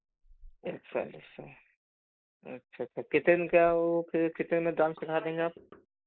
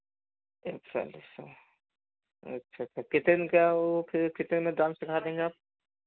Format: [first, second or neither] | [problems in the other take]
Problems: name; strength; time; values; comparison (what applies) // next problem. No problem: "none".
second | noise reduction (neural mask model Resemble Enhance denoiser)